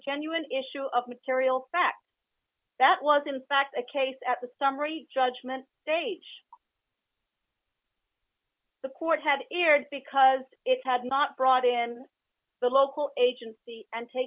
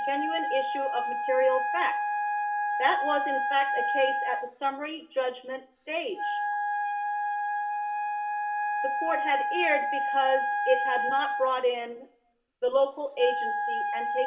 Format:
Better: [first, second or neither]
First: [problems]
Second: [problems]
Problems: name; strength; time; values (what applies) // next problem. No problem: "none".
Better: first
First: none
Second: background sound (Wind instrument, woodwind instrument); 1 dB above the speech // room echo; dies away in 0.4 s